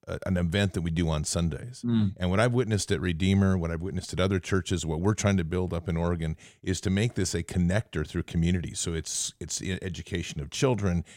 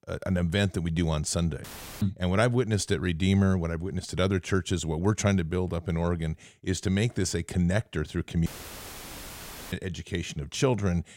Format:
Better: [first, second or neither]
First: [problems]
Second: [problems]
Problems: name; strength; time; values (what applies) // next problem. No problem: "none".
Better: first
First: none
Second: audio cutting out; filled with static; at 1.5 s and at 8.5 s for 1.5 s